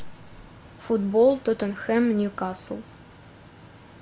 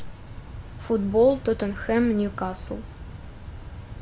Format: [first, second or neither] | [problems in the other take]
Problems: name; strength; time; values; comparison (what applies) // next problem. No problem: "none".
first | background sound (Wind); 12 dB below the speech